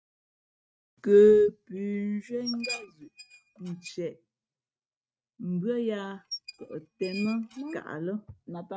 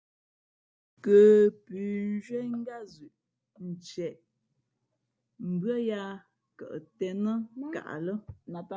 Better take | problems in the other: second | noise reduction (neural mask model RNNoise)

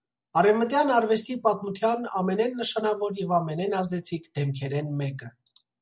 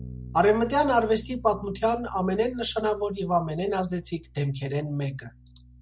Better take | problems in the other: first | background sound (Bass guitar); 17 dB below the speech

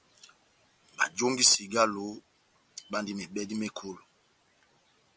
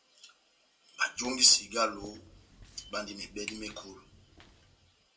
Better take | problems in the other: first | background sound (Walk, footsteps); 19 dB below the speech // room echo; dies away in 0.2 s

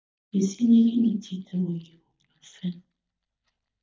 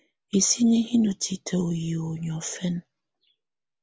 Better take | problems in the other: second | noise reduction (neural mask model DeepFilterNet 3)

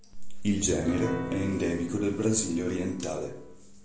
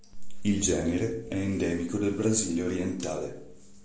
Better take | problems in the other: second | background sound (Piano); 8 dB below the speech

